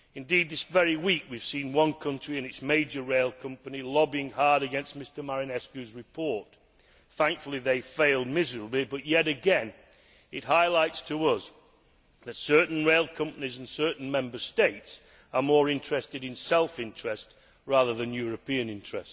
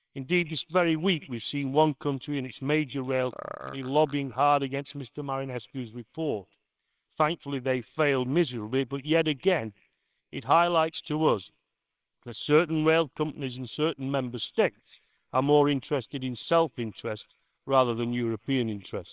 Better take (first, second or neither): first